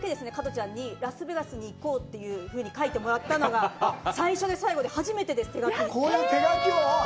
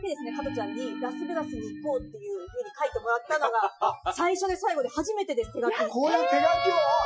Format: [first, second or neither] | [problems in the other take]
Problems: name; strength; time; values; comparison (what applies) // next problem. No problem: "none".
first | noise reduction (classical method Wiener filter)